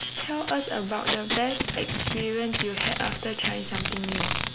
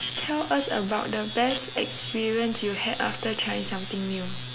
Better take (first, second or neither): second